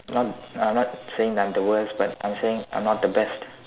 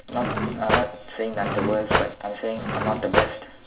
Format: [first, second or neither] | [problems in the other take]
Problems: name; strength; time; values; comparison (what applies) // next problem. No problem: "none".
first | background sound (Cutlery, silverware / Drawer open or close); 1 dB above the speech // room echo; dies away in 0.1 s